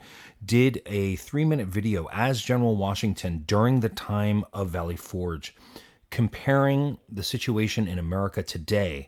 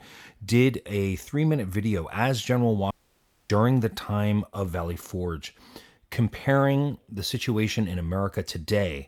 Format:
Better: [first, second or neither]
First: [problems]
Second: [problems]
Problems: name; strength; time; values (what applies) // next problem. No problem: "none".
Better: first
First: none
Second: audio cutting out; at 3 s for 0.5 s